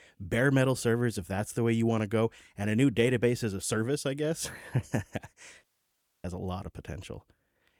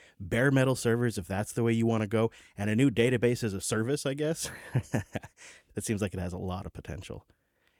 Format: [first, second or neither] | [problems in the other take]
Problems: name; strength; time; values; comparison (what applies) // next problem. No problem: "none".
second | audio cutting out; at 5.5 s for 0.5 s